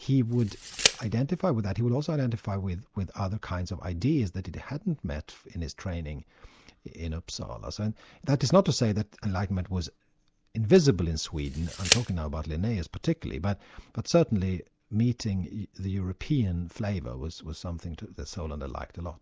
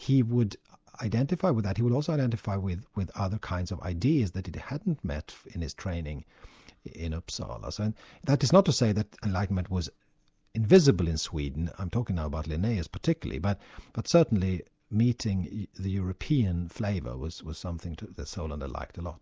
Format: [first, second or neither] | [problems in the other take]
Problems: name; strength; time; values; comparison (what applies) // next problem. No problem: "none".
second | background sound (Tick); 4 dB below the speech